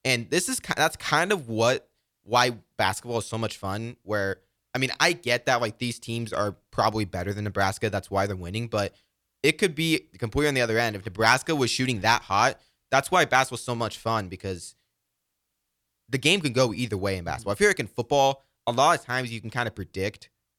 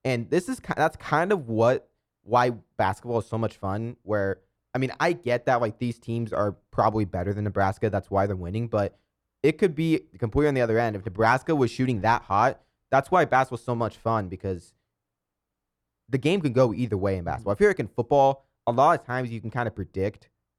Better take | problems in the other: first | muffled; slightly; fading above 2 kHz

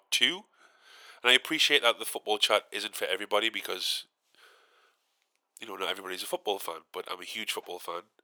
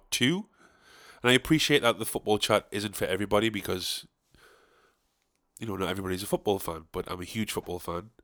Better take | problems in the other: second | thin; very; fading below 550 Hz

